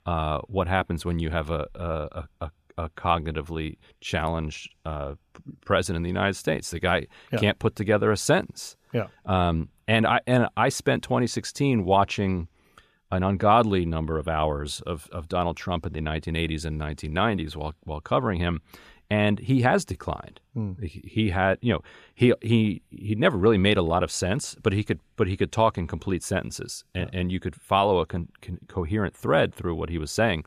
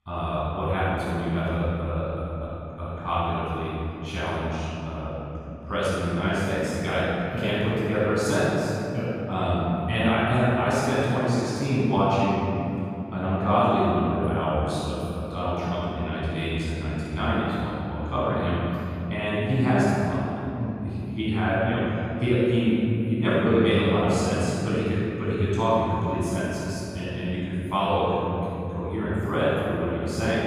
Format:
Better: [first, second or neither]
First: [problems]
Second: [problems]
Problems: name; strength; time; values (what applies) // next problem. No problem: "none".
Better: first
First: none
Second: off-mic speech; far // room echo; strong; dies away in 3 s